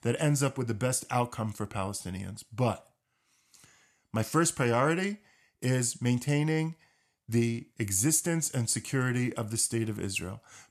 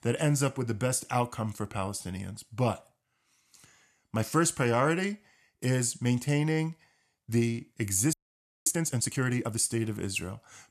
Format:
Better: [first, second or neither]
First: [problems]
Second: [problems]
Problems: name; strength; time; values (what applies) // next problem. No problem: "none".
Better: first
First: none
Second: audio freezing; at 8 s for 0.5 s